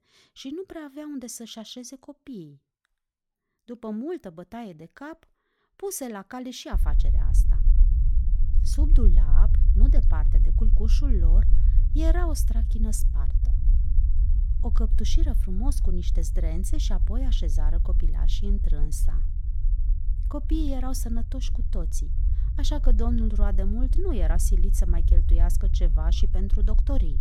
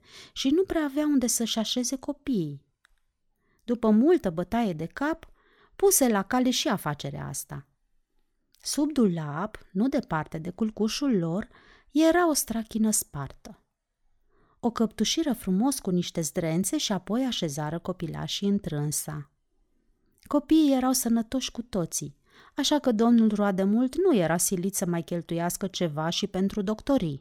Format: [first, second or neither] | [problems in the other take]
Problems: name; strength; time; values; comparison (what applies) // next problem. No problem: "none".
second | low rumble; loud; from 6.5 s on; 9 dB below the speech